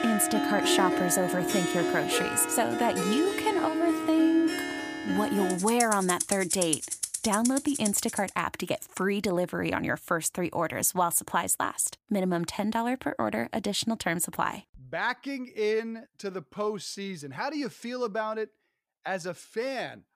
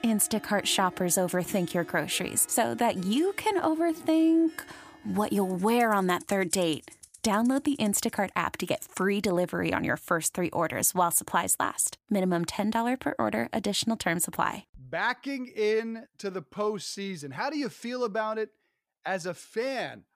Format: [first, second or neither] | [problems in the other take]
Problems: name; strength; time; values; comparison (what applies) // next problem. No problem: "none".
second | background music; loud; until 8 s; 2 dB below the speech; faint in the second